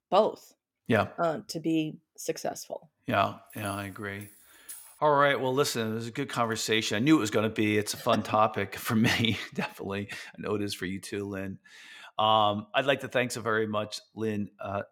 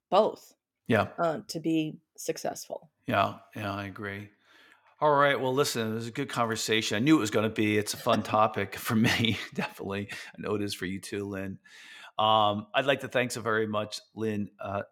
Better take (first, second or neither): second